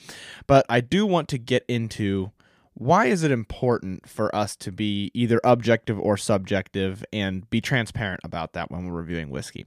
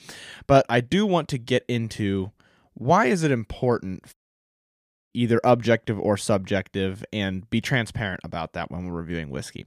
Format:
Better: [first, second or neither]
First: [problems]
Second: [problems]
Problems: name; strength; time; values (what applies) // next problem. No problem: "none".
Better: first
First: none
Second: audio cutting out; at 4 s for 1 s